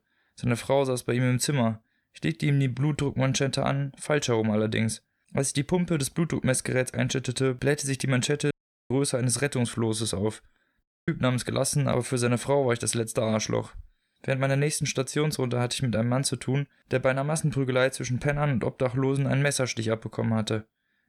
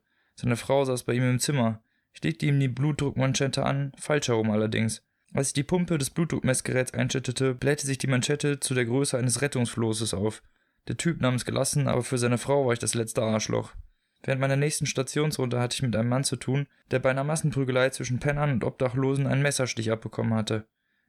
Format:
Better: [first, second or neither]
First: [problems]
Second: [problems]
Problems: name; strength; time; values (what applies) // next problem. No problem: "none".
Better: second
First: audio cutting out; at 8.5 s and at 11 s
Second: none